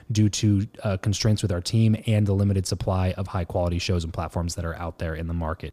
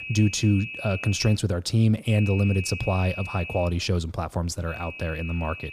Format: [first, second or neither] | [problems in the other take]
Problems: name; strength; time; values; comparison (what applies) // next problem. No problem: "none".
first | high-pitched whine; noticeable; until 1.5 s, from 2 to 3.5 s and from 4.5 s on; 2.5 kHz, 10 dB below the speech